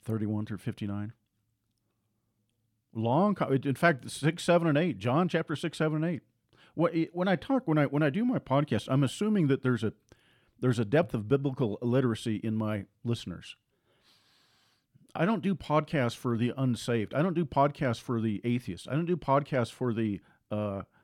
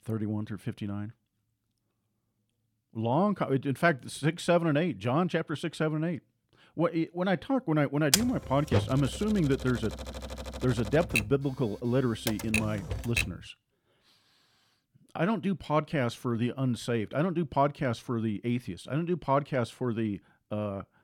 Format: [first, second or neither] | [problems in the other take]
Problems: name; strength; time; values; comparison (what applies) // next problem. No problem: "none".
first | keyboard typing; loud; from 8 to 13 s; peak 4 dB above the speech